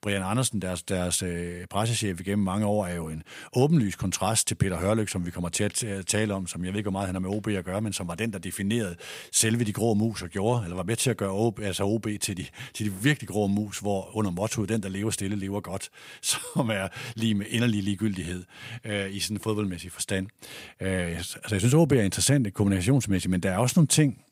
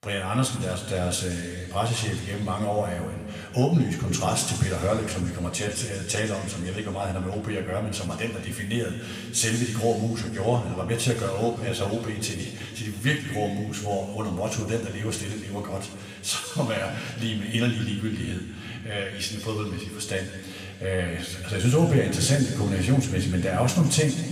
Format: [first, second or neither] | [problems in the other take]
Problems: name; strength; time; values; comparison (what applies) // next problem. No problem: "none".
first | room echo; noticeable; dies away in 2.2 s // off-mic speech; somewhat distant